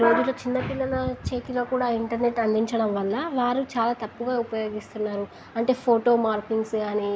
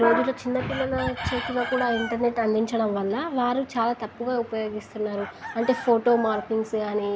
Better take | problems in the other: first | background sound (Chicken, rooster); 13 dB below the speech

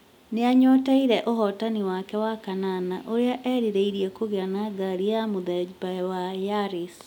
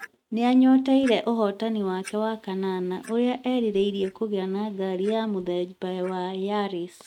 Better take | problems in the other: first | noise reduction (neural mask model RNNoise)

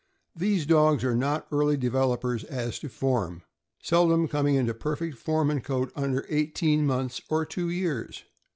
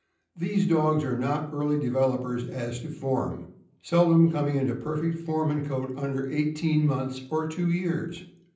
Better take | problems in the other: first | room echo; dies away in 0.6 s

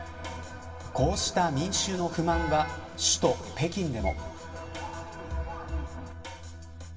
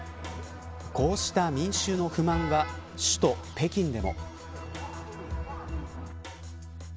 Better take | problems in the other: second | room echo; dies away in 1.6 s

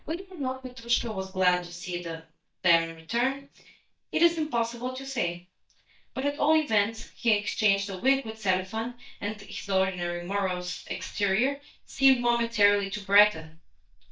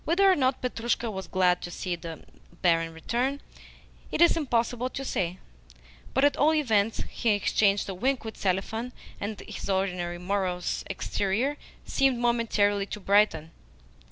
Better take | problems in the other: second | noise reduction (neural mask model DeepFilterNet 3)

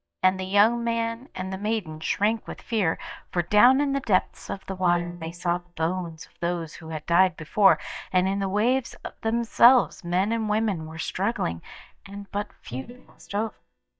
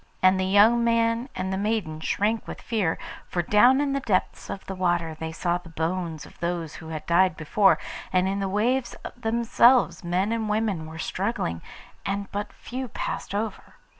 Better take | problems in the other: second | noise reduction (neural mask model DeepFilterNet 3)

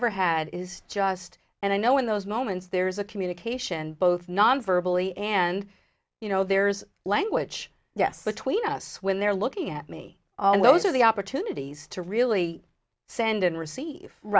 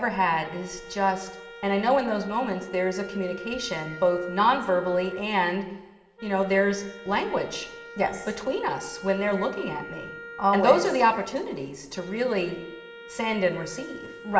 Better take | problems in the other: first | background sound (Wind instrument, woodwind instrument); 16 dB below the speech // room echo; dies away in 1.7 s

